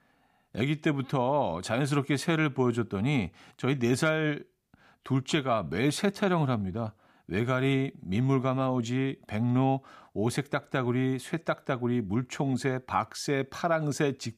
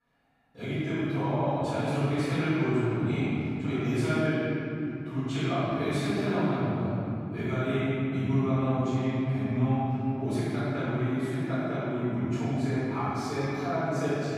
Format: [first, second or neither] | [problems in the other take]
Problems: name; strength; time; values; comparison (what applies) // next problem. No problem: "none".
first | off-mic speech; far // room echo; strong; dies away in 3 s